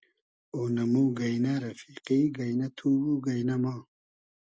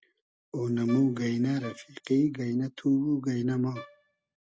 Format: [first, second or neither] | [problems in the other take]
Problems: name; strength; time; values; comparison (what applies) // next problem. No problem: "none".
first | background sound (Wind instrument, woodwind instrument); 19 dB below the speech